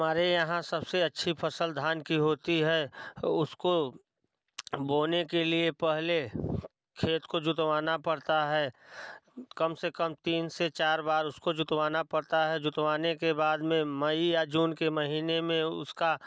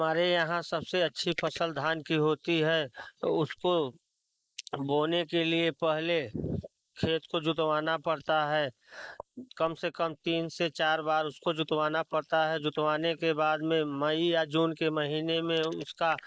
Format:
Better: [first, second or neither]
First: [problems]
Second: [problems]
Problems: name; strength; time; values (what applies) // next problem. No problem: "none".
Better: first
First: none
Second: noise reduction (neural mask model Resemble Enhance denoiser)